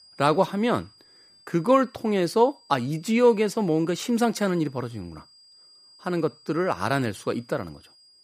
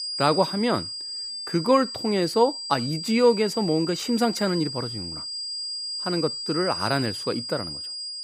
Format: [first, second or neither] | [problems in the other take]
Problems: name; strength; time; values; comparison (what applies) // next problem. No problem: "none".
first | high-pitched whine; loud; throughout; 5 kHz, 6 dB below the speech; faint in the first